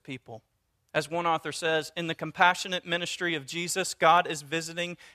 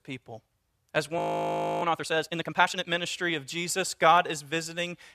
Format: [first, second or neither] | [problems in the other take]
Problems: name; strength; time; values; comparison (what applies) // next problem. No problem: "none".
first | audio freezing; at 1 s for 0.5 s